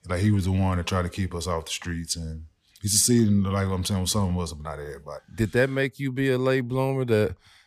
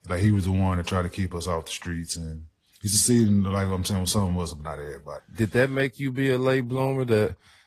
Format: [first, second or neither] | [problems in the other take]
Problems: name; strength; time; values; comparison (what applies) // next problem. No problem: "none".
first | garbled, watery; slightly